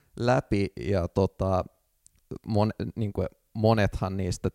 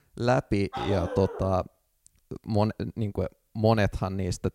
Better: first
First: none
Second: dog barking; noticeable; at 0.5 s; peak 5 dB below the speech

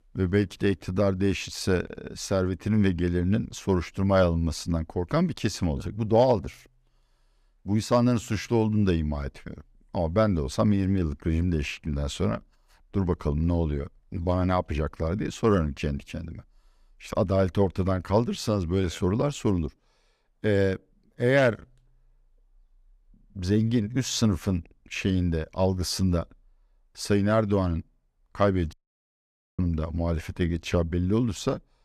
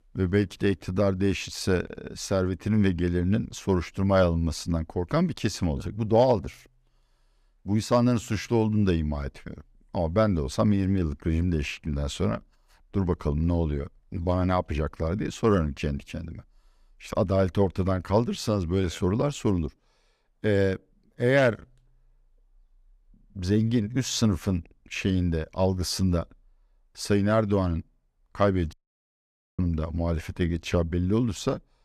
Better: neither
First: audio cutting out; at 29 s for 1 s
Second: audio cutting out; at 29 s for 1 s

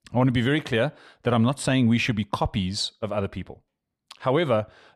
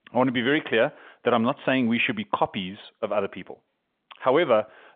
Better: first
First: none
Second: phone-call audio; nothing above 3.5 kHz

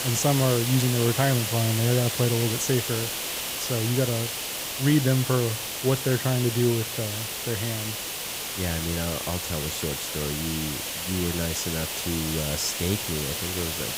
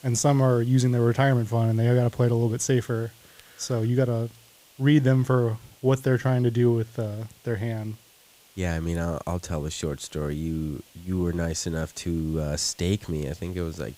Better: second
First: hiss; loud; throughout; 2 dB below the speech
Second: hiss; faint; throughout; 25 dB below the speech

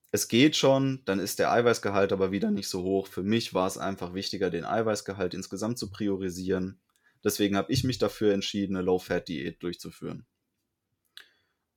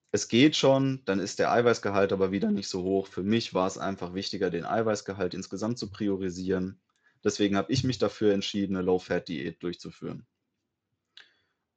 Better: first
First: none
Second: garbled, watery; slightly

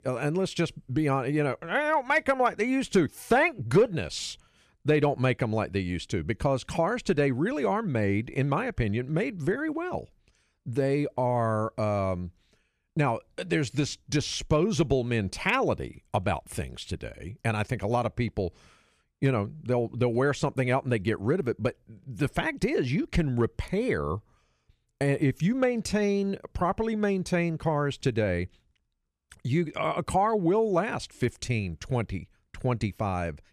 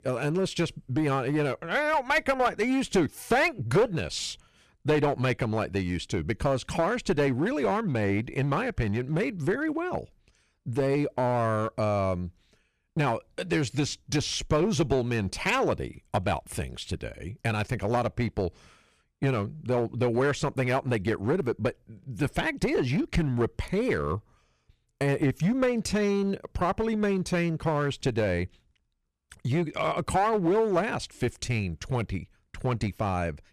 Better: first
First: none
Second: distortion; slight; 6% of the sound clipped

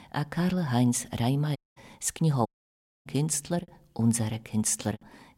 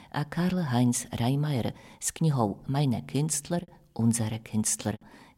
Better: second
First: audio cutting out; at 1.5 s and at 2.5 s for 0.5 s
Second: none

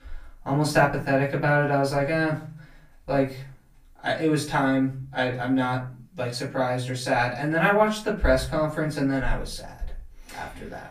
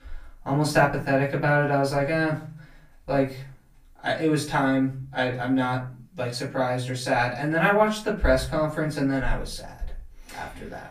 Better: neither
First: off-mic speech; far // room echo; slight; dies away in 0.4 s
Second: off-mic speech; far // room echo; slight; dies away in 0.4 s

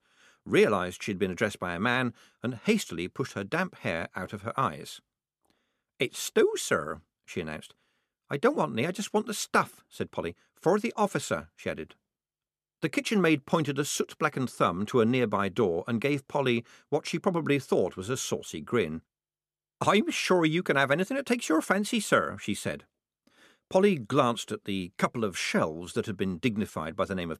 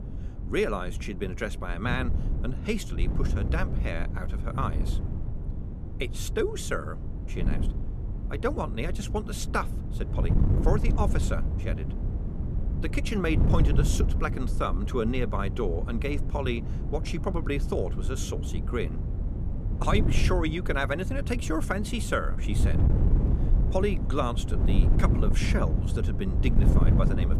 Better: first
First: none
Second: wind noise on the microphone; heavy; 8 dB below the speech

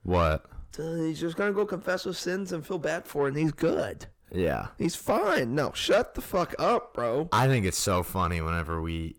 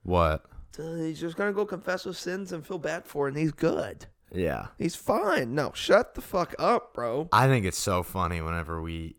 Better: second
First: distortion; slight; 10 dB below the speech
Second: none

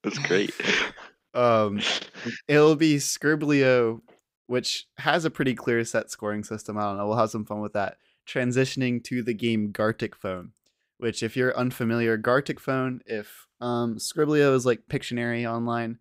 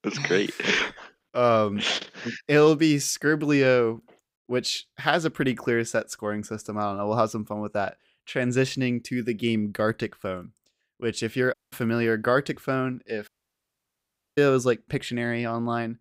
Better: first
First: none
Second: audio cutting out; at 12 s and at 13 s for 1 s

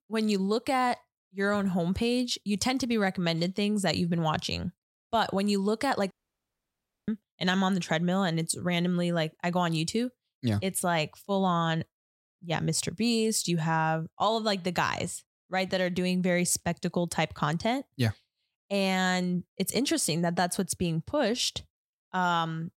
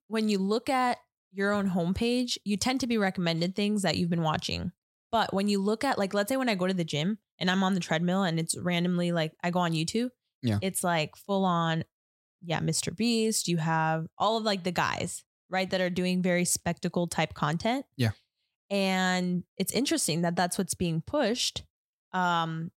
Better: second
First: audio cutting out; at 6 s for 1 s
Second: none

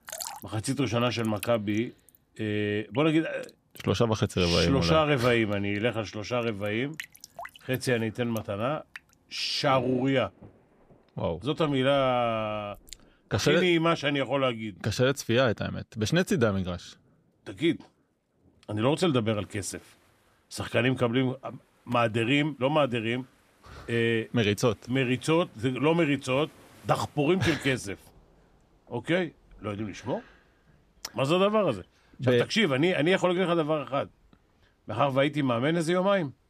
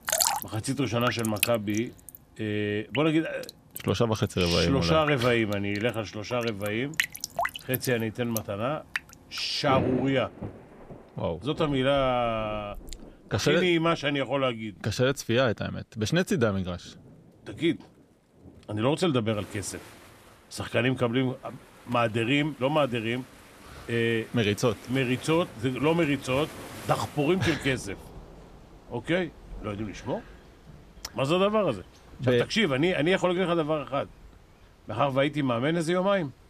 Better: first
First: rain or running water; faint; throughout; 20 dB below the speech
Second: rain or running water; loud; throughout; 9 dB below the speech

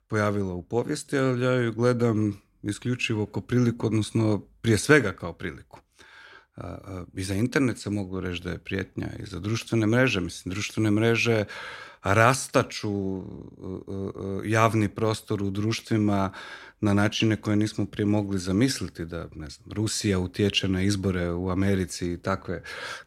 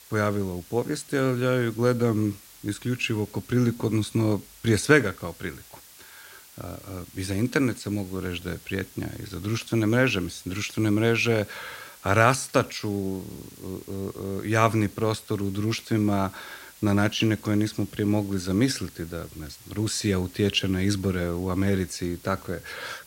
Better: first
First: none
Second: hiss; faint; throughout; 20 dB below the speech

